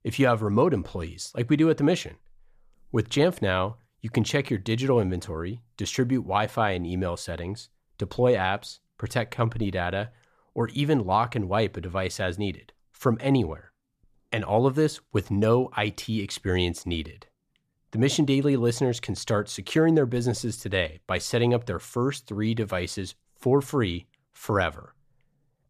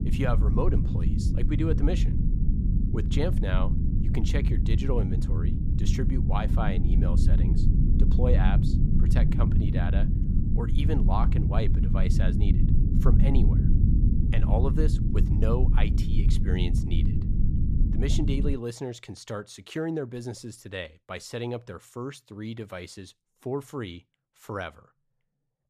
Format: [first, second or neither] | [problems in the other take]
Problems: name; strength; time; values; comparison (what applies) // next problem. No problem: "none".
first | low rumble; loud; until 19 s; 2 dB below the speech